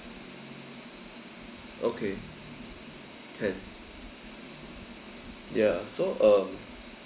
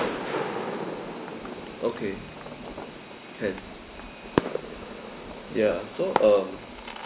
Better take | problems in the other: first | background sound (Fireworks); 4 dB below the speech

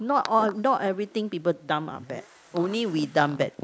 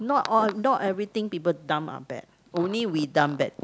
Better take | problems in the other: second | noise reduction (neural mask model Resemble Enhance denoiser)

